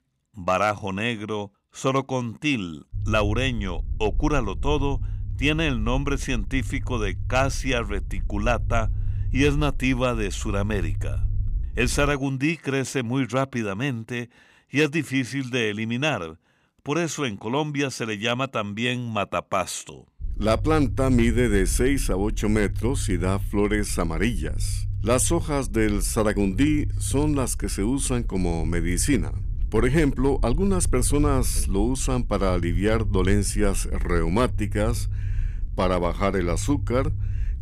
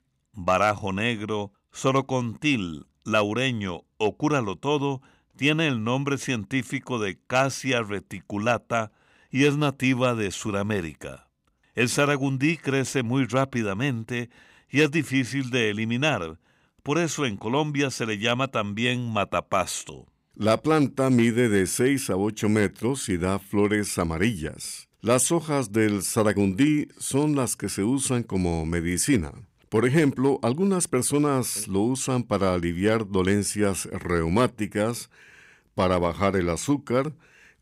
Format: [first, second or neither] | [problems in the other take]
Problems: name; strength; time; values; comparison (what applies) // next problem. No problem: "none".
second | low rumble; faint; from 3 to 12 s and from 20 s on; 20 dB below the speech